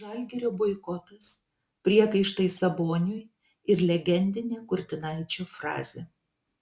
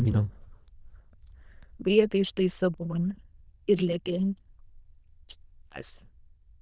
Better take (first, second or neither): first